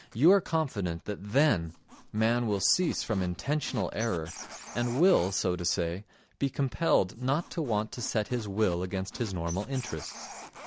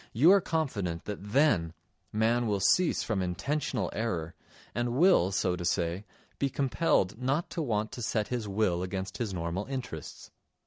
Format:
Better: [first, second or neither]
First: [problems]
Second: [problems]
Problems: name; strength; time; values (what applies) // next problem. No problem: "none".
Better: second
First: background sound (Squeak); 18 dB below the speech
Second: none